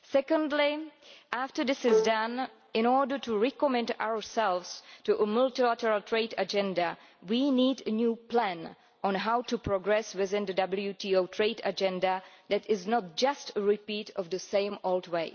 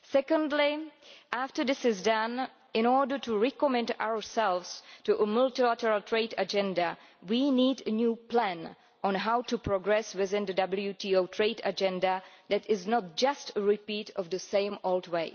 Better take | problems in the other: second | background sound (Bowed string instrument); 1 dB below the speech

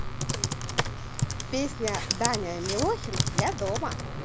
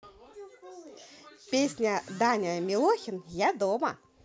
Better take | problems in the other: second | background sound (Computer keyboard); 2 dB above the speech

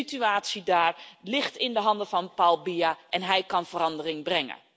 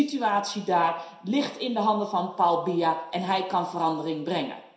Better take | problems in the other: first | room echo; dies away in 0.7 s

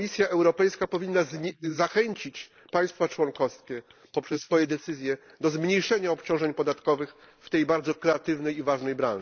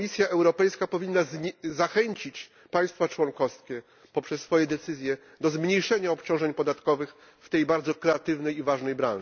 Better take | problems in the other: second | noise reduction (neural mask model Resemble Enhance denoiser)

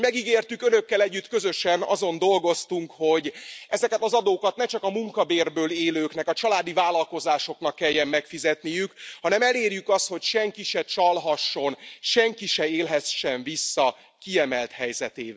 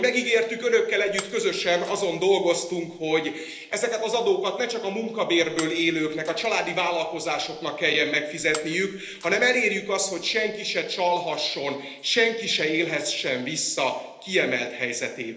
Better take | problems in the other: first | background sound (Shatter); 18 dB below the speech // room echo; dies away in 1 s

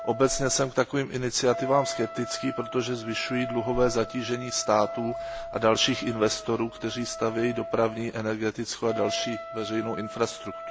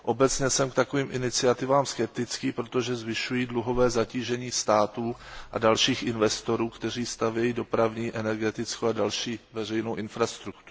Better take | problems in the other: second | background sound (Wind instrument, woodwind instrument); 10 dB below the speech

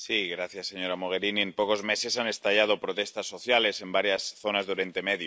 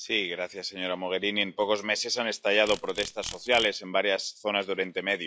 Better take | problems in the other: first | noise reduction (classical method log-MMSE)

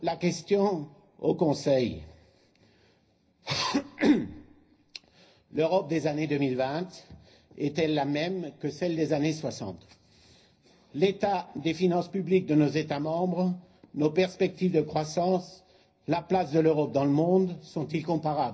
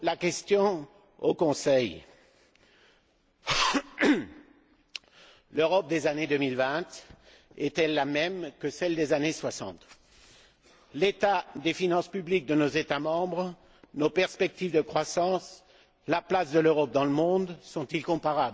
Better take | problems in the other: second | room echo; dies away in 0.5 s

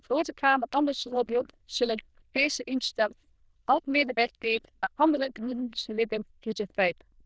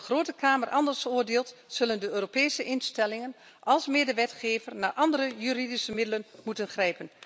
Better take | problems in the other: second | noise reduction (neural diffusion model UNIVERSE++)

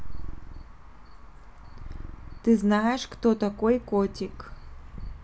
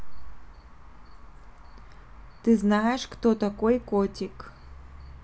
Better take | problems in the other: second | background sound (Purr); 15 dB below the speech

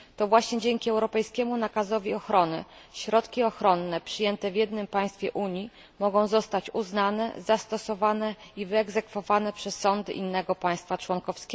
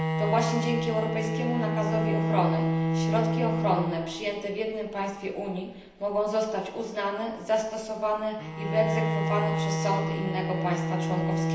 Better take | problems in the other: first | background sound (Bowed string instrument); as loud as the speech // room echo; dies away in 0.9 s

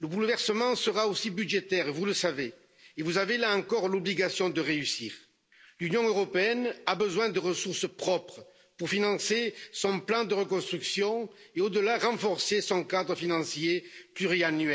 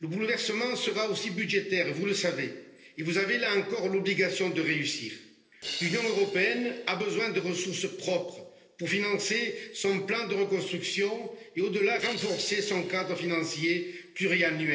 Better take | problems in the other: first | noise reduction (neural separator model SepFormer DNS4)

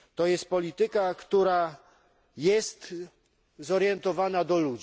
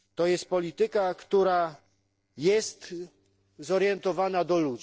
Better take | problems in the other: first | noise reduction (neural separator model SepFormer DNS4)

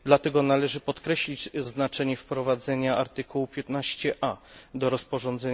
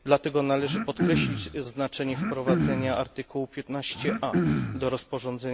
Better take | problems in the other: first | background sound (Cough); as loud as the speech

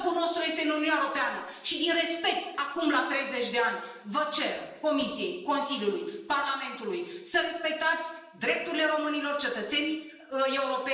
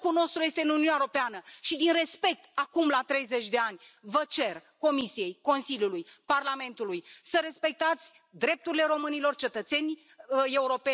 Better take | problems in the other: second | room echo; dies away in 0.8 s

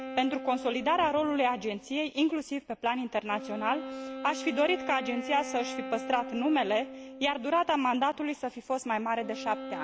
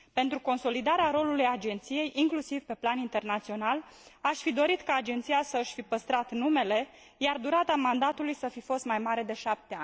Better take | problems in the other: second | background sound (Wind instrument, woodwind instrument); 11 dB below the speech

